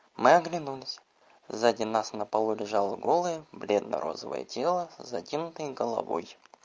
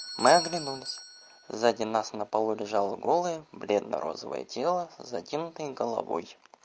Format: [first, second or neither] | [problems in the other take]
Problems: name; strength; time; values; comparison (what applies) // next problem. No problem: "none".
first | background sound (Bell / Doorbell); 14 dB below the speech